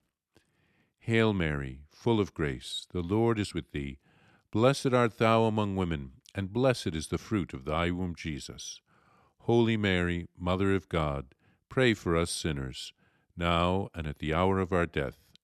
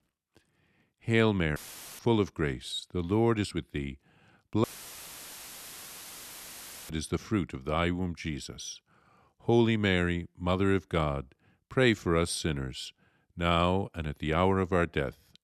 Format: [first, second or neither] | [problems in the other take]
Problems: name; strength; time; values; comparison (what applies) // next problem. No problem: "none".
first | audio cutting out; filled with static; at 1.5 s and at 4.5 s for 2.5 s